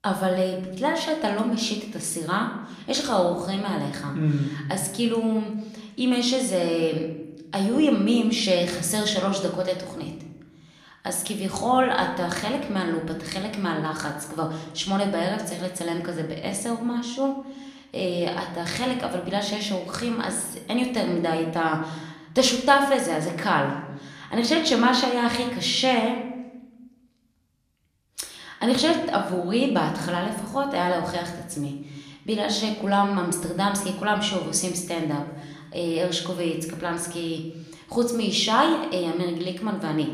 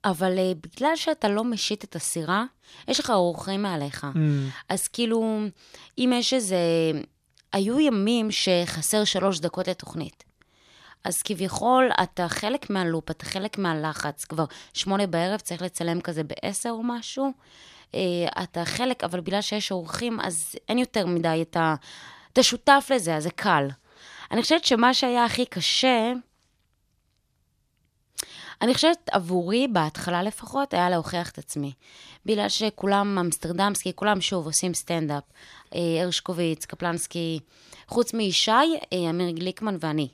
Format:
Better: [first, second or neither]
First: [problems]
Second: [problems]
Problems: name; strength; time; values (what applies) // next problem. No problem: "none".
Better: second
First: room echo; slight; dies away in 0.8 s // off-mic speech; somewhat distant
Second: none